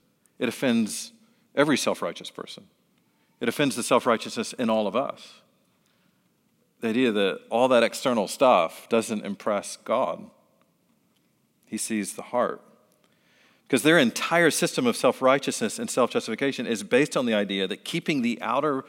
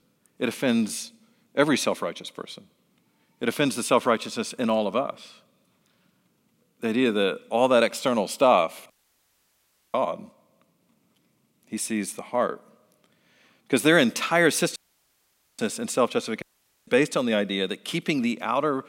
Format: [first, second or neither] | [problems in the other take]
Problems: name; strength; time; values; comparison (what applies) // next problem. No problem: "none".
first | audio cutting out; at 9 s for 1 s, at 15 s for 1 s and at 16 s